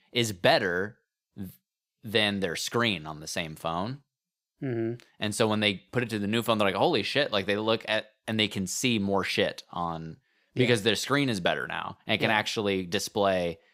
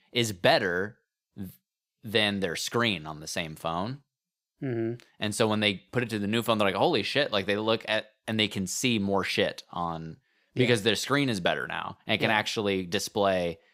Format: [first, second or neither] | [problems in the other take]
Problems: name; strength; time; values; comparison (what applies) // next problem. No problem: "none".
neither | none